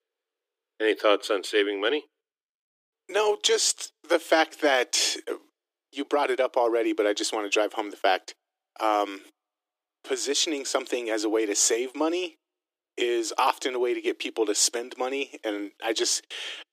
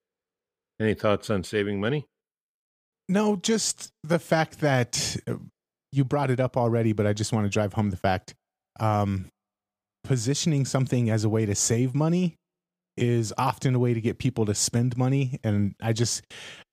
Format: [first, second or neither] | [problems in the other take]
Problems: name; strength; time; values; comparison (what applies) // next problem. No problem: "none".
second | thin; very; fading below 300 Hz